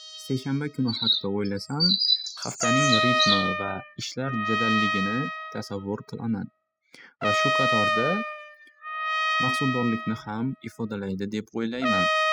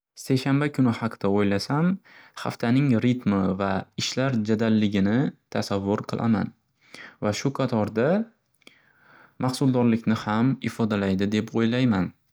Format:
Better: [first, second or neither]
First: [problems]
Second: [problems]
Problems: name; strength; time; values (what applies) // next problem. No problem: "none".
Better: second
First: noise reduction (classical method spectral subtraction)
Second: none